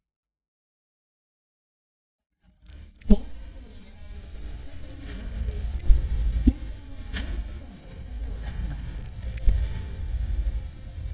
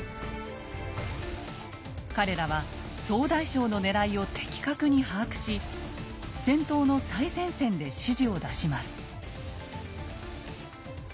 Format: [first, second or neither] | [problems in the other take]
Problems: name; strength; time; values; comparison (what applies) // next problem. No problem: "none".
second | noise reduction (neural mask model DeepFilterNet 3)